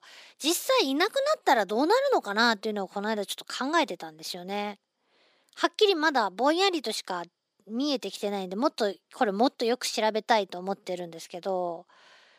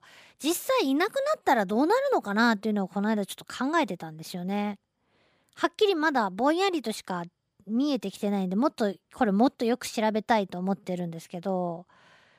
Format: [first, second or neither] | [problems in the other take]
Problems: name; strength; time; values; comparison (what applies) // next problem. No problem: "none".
second | thin; very slightly; fading below 350 Hz